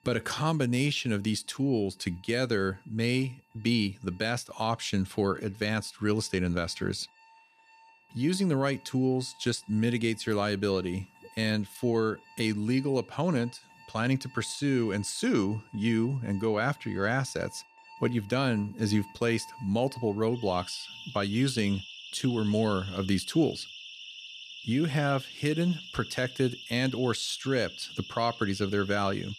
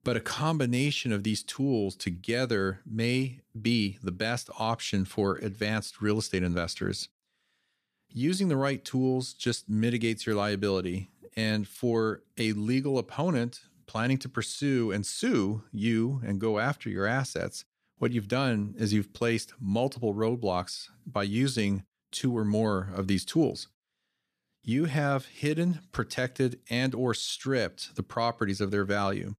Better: second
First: alarms or sirens; noticeable; throughout; 15 dB below the speech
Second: none

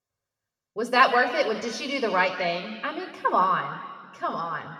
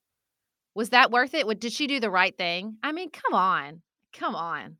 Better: second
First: room echo; noticeable; dies away in 1.7 s // off-mic speech; somewhat distant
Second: none

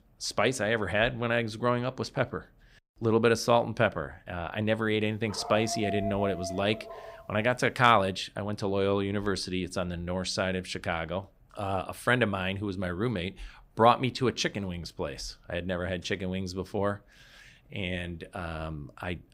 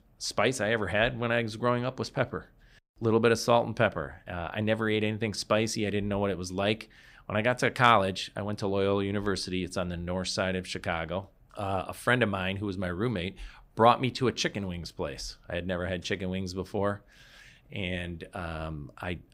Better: second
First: dog barking; noticeable; from 5.5 to 7 s; peak 6 dB below the speech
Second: none

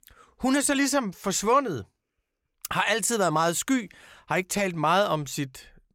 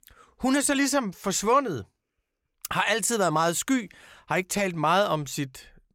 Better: neither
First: none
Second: none

